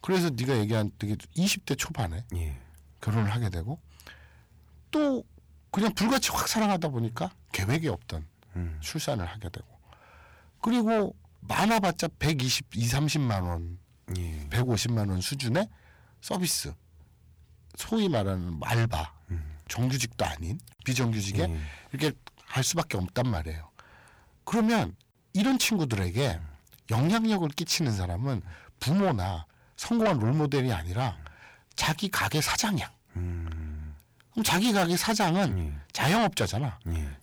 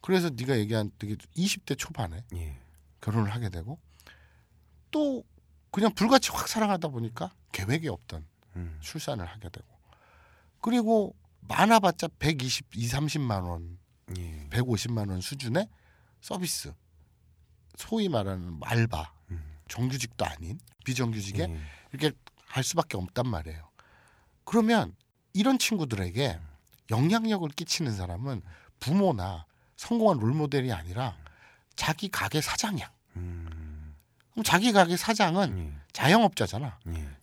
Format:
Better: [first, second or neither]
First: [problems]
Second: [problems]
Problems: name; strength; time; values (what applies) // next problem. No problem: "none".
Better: second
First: distortion; heavy; 7 dB below the speech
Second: none